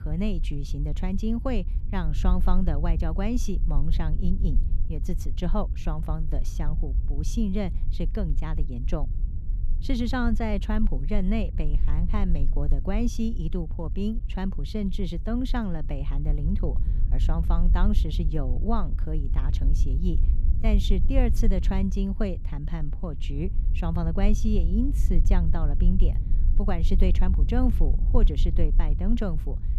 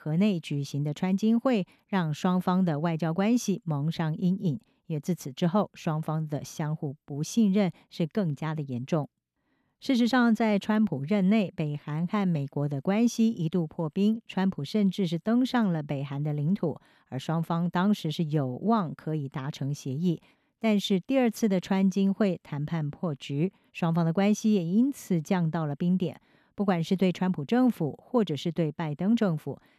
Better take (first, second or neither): second